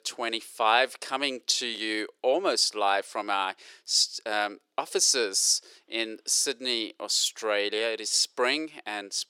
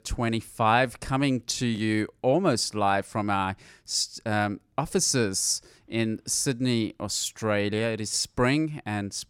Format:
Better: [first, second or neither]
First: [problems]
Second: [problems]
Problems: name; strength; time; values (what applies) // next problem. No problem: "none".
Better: second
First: thin; very; fading below 400 Hz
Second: none